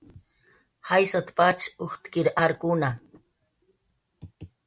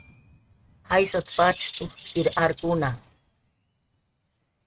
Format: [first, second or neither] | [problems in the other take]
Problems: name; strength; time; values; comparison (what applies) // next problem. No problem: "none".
first | noise reduction (neural mask model RNNoise)